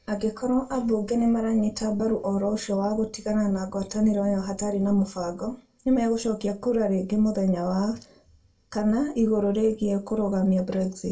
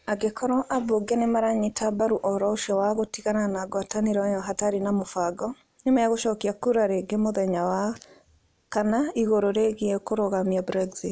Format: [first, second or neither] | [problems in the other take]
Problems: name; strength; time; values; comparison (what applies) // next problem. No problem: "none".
second | room echo; dies away in 0.2 s